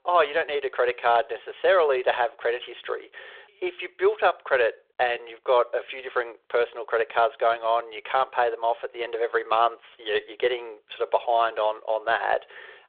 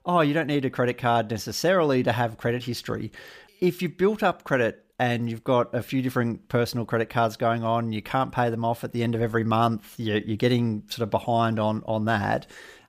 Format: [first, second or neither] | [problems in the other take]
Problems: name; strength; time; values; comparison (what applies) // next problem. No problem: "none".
second | phone-call audio; nothing above 3.5 kHz